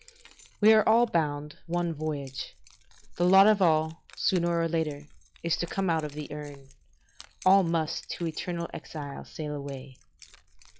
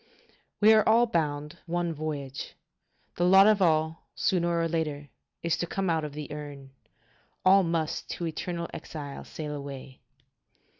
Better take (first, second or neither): second